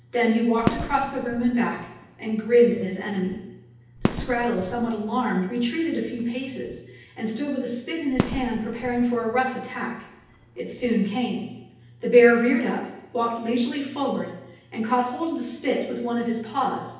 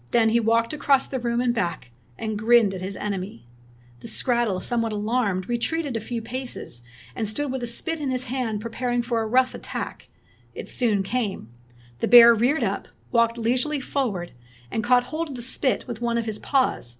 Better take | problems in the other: second | background sound (Fireworks); 10 dB below the speech // room echo; dies away in 0.9 s

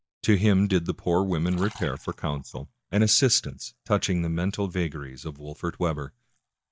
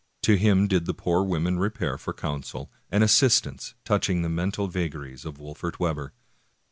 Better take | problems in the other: second | noise reduction (neural mask model DeepFilterNet 3)

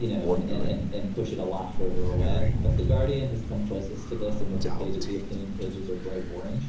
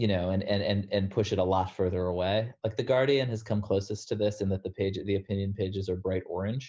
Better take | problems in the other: second | background sound (Crow); 5 dB above the speech // room echo; dies away in 0.7 s

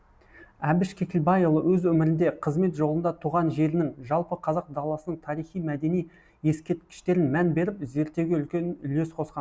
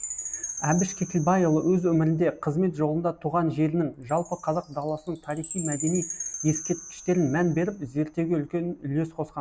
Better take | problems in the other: first | background sound (Chime); 13 dB below the speech

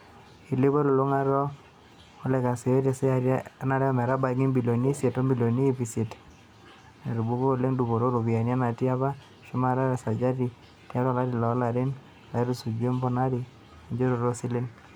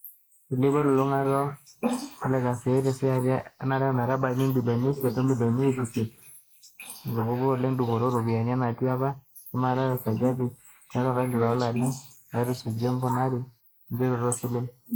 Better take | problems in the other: first | noise reduction (neural mask model Resemble Enhance denoiser)

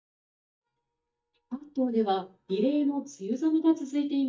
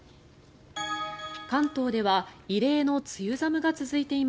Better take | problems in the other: second | noise reduction (neural mask model DeepFilterNet 3)

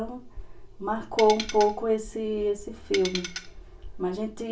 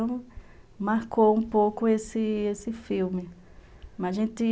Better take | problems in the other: second | background sound (Tools); 8 dB below the speech // room echo; dies away in 0.2 s

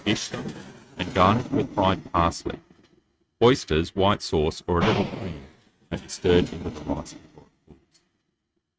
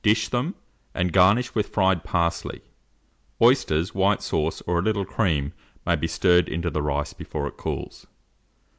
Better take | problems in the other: second | noise reduction (neural mask model RNNoise)

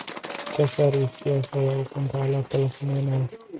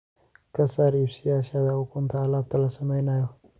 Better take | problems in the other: second | noise reduction (neural mask model RNNoise)

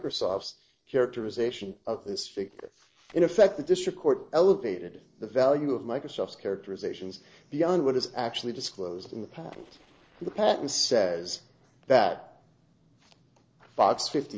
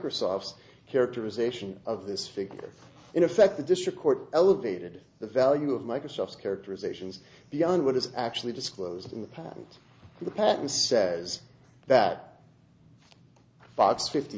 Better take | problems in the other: second | noise reduction (neural separator model SepFormer DNS4)

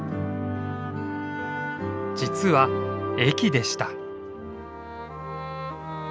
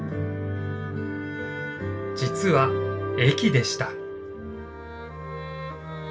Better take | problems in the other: first | room echo; dies away in 0.2 s

